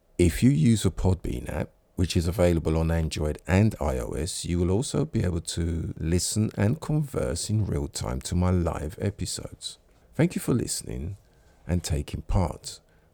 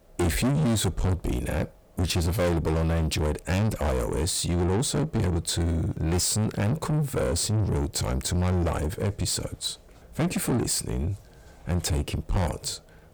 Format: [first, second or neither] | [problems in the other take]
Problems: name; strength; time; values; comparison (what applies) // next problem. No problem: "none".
first | distortion; heavy; 6 dB below the speech